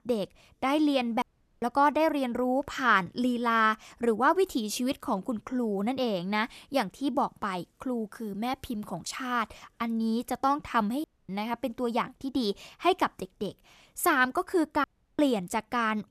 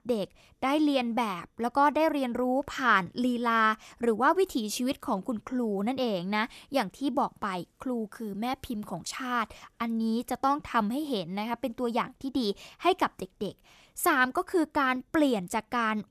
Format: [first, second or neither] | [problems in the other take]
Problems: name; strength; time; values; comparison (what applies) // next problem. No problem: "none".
second | audio cutting out; at 1 s, at 11 s and at 15 s